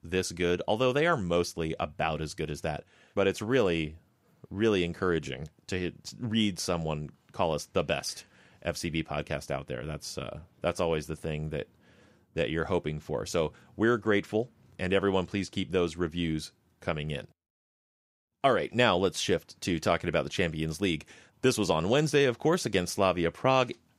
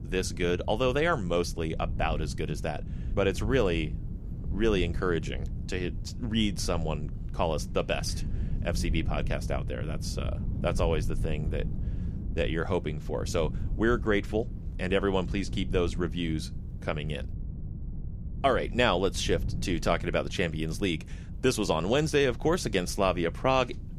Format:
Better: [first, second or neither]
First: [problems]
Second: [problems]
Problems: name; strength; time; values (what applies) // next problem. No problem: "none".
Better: first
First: none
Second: wind noise on the microphone; occasional gusts; 20 dB below the speech